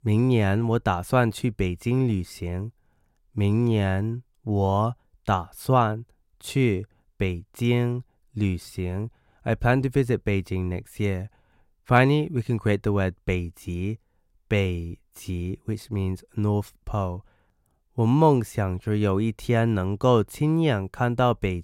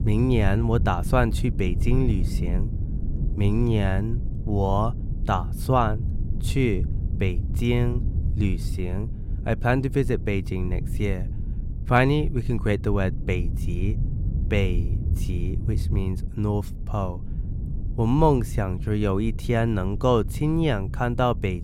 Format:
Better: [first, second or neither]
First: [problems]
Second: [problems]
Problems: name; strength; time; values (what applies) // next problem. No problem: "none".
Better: first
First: none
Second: low rumble; noticeable; throughout; 15 dB below the speech